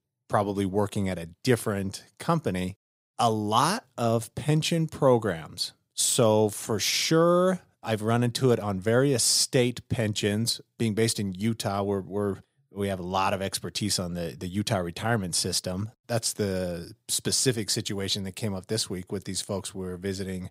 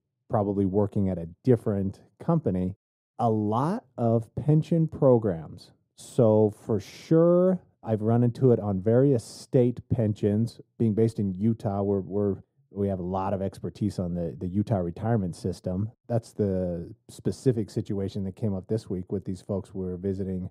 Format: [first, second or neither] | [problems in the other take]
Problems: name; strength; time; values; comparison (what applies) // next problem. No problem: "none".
first | muffled; very; fading above 1 kHz